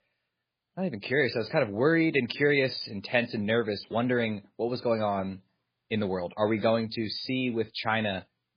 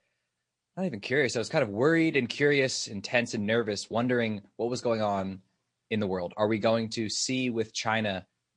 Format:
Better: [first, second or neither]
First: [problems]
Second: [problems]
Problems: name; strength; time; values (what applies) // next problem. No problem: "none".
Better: second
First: garbled, watery; badly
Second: garbled, watery; slightly